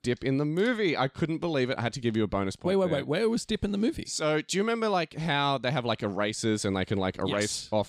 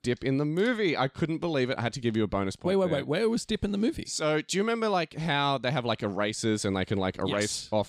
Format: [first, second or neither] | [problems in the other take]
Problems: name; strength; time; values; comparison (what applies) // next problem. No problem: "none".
neither | none